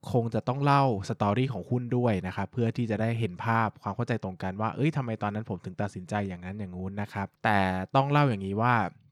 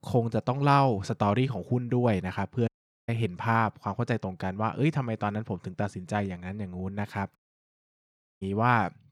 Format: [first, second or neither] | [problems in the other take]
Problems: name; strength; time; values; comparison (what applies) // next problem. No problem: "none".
first | audio cutting out; at 2.5 s and at 7.5 s for 1 s